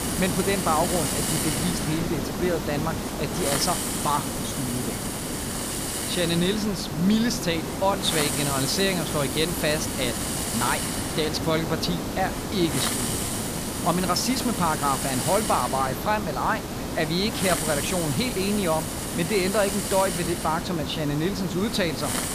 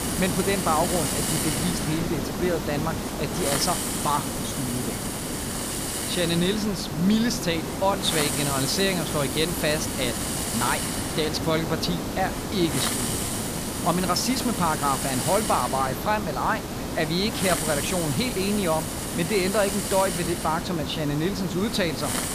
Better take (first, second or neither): neither